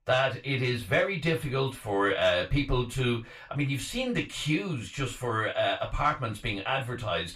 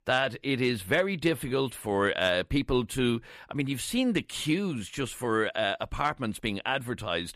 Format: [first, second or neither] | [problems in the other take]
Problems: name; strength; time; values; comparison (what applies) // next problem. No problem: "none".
second | room echo; slight; dies away in 0.2 s // off-mic speech; far